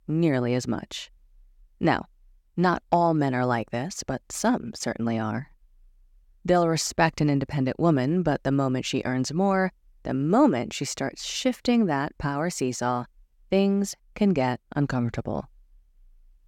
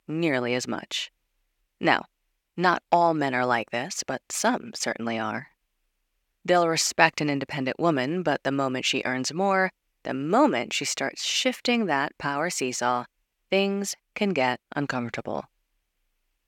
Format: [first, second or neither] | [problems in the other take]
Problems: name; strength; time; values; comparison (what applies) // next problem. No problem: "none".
first | thin; very slightly; fading below 500 Hz